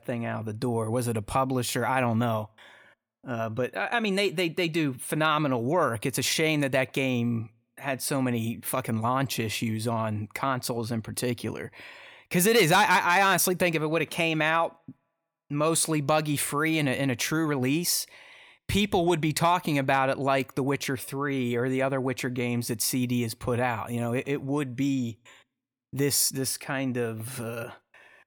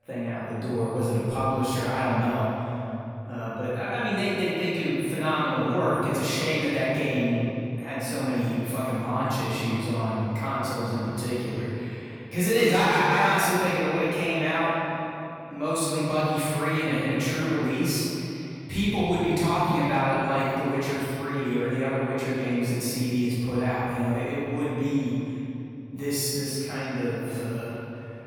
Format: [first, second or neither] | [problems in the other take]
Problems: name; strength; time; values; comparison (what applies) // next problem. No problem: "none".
first | room echo; strong; dies away in 2.8 s // off-mic speech; far